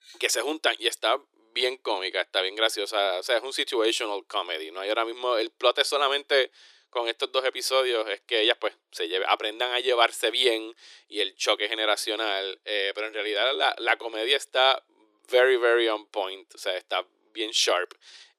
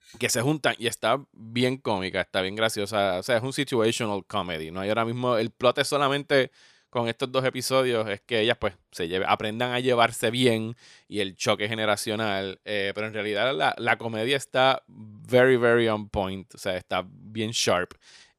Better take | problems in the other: second | thin; very; fading below 300 Hz

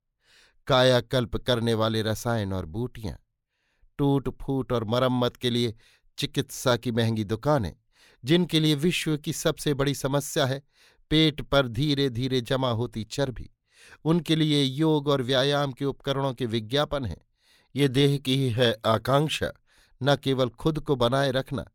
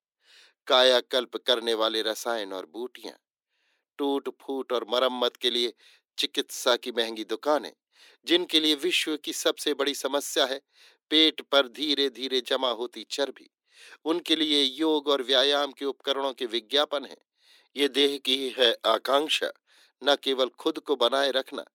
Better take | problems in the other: first | thin; somewhat; fading below 300 Hz

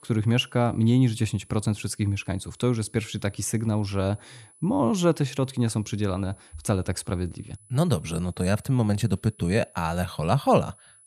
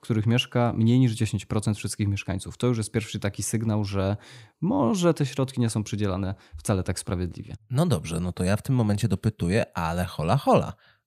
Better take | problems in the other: second | high-pitched whine; faint; throughout; 10 kHz, 25 dB below the speech

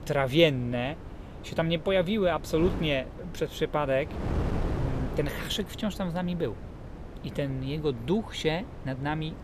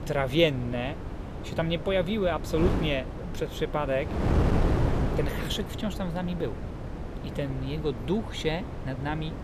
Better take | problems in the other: first | wind noise on the microphone; heavy; 7 dB below the speech; occasional gusts in the first

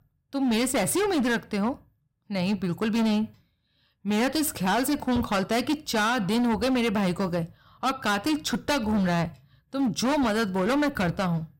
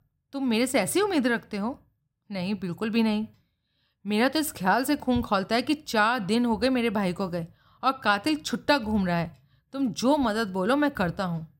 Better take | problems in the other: second | distortion; heavy; 20% of the sound clipped

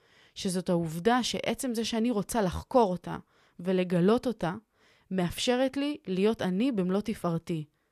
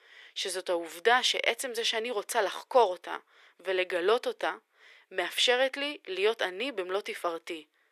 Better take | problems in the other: first | thin; very; fading below 350 Hz

